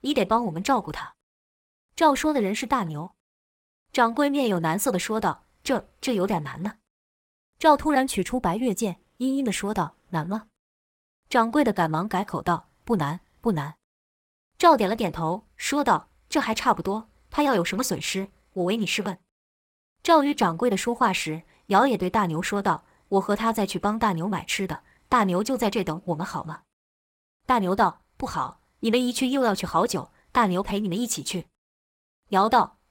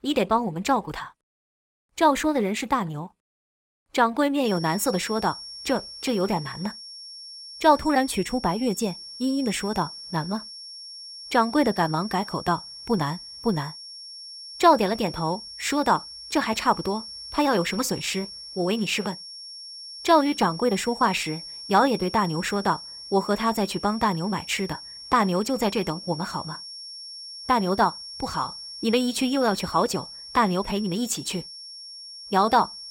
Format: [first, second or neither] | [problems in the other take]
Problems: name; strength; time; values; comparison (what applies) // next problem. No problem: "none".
first | high-pitched whine; noticeable; from 4.5 s on; 5.5 kHz, 10 dB below the speech